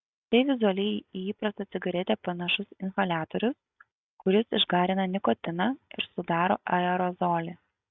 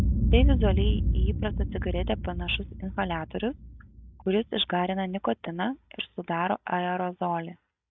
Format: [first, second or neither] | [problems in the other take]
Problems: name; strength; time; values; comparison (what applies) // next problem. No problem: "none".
first | background sound (Boom); 1 dB above the speech